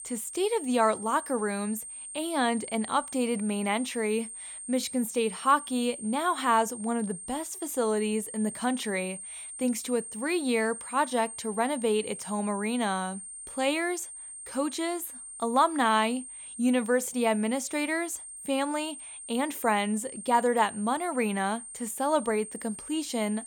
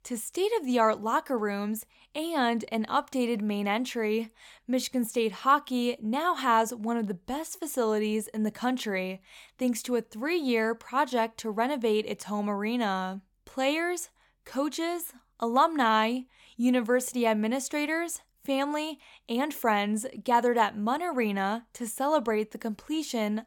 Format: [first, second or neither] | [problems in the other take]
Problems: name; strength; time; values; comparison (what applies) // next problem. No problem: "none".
second | high-pitched whine; noticeable; throughout; 8.5 kHz, 10 dB below the speech